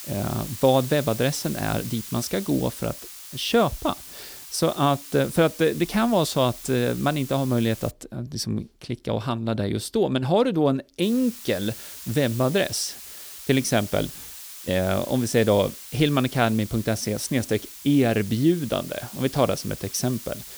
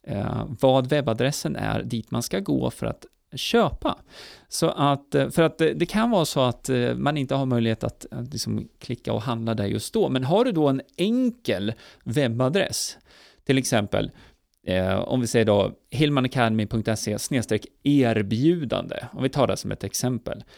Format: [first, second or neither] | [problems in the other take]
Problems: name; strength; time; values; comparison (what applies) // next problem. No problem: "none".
second | hiss; noticeable; until 8 s and from 11 s on; 15 dB below the speech